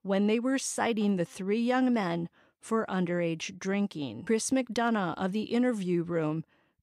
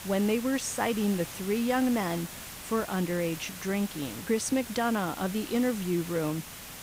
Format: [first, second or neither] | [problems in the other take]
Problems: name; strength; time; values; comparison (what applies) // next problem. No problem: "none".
first | hiss; noticeable; throughout; 10 dB below the speech